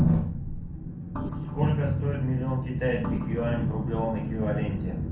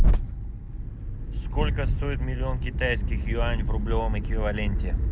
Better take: second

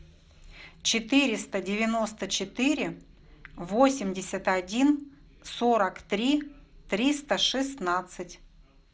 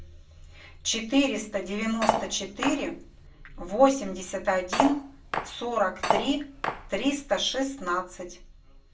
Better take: first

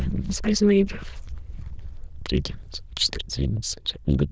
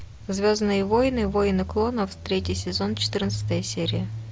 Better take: second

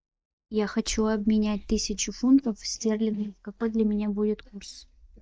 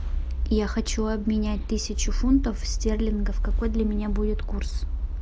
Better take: second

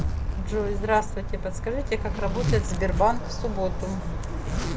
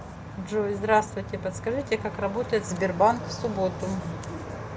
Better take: second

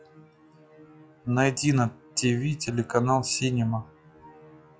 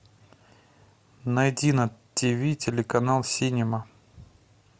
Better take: second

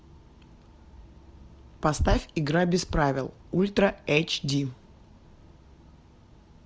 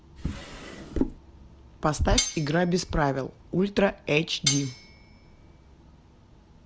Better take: first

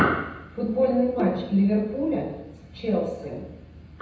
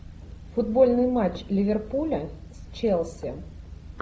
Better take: second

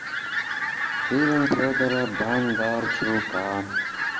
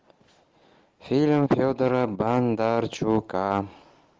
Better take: second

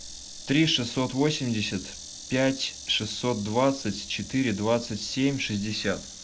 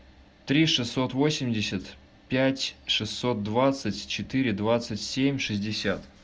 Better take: second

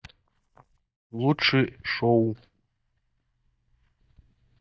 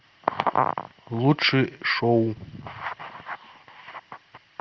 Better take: second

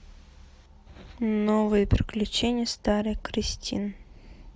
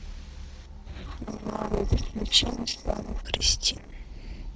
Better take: first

